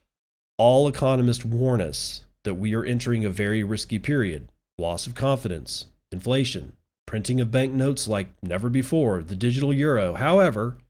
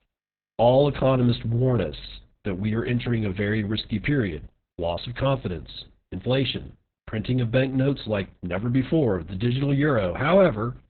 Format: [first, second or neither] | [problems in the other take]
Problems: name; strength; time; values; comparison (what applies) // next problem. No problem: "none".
first | garbled, watery; badly; nothing above 4 kHz; slightly in the first